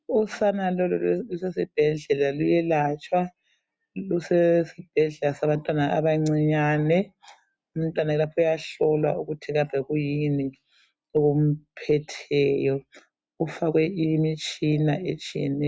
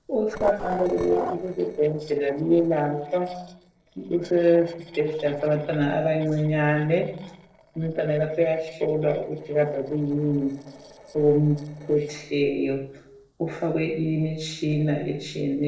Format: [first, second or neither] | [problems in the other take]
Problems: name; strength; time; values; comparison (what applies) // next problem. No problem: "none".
first | noise reduction (neural separator model SepFormer DNS4)